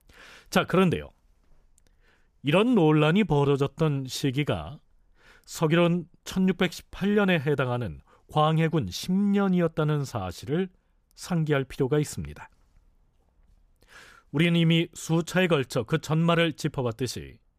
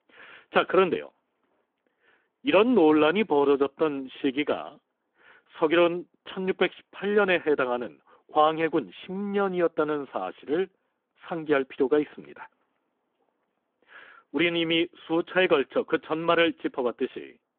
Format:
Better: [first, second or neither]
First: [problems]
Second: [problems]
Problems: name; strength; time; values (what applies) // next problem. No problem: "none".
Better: first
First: none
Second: phone-call audio; nothing above 3.5 kHz